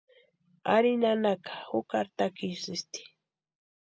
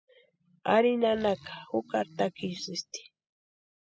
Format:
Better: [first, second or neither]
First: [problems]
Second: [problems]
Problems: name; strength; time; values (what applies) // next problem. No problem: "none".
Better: first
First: none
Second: noise reduction (classical method spectral subtraction)